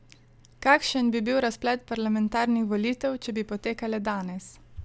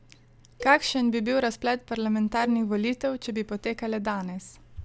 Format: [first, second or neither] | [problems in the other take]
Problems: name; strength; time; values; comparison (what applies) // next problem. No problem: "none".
first | background sound (Cowbell); 20 dB below the speech